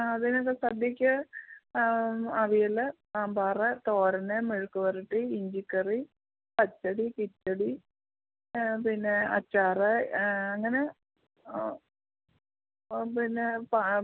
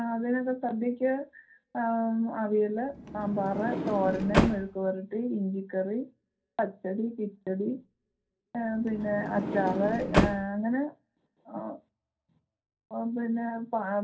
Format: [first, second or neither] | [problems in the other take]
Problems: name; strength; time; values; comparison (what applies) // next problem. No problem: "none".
first | background sound (Sliding door); as loud as the speech // room echo; dies away in 0.3 s